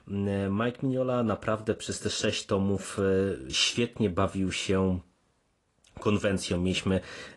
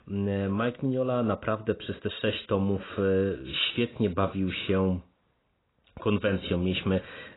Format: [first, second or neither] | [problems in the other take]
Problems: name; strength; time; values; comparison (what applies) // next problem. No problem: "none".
first | garbled, watery; badly; nothing above 4 kHz; slightly in the first